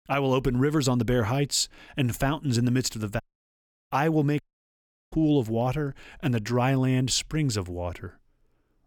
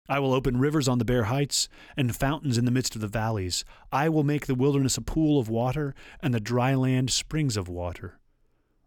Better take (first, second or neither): second